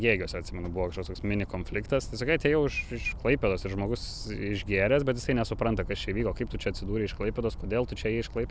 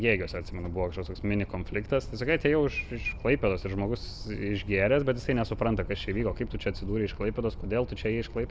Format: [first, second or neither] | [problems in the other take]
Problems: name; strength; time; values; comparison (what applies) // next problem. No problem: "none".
first | room echo; dies away in 1 s